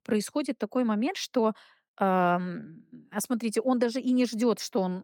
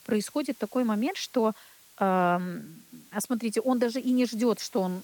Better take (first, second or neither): first